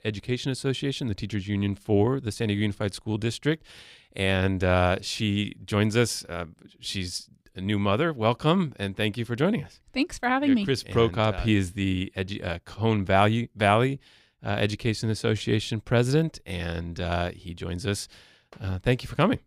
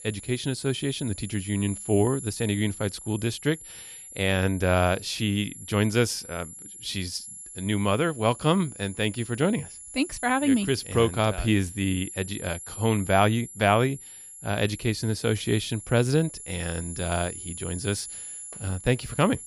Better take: first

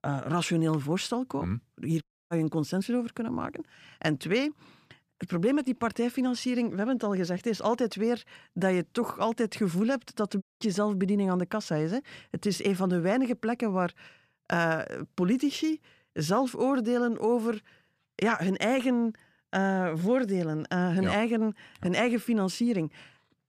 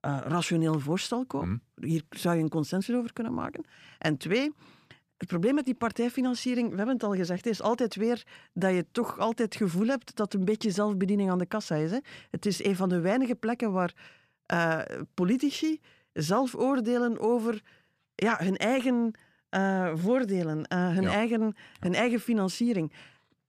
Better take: second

